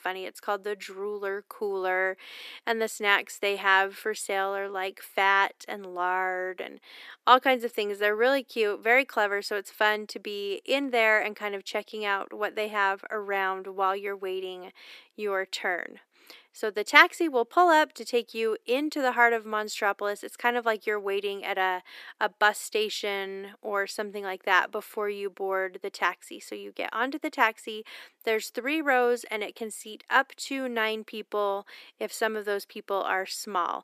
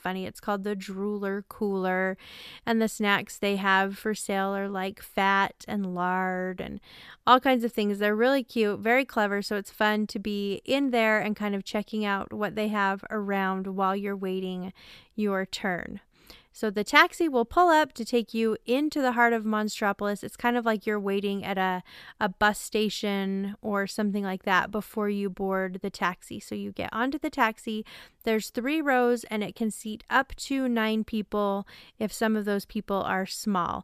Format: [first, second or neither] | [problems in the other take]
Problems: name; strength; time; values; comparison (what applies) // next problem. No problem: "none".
second | thin; somewhat; fading below 300 Hz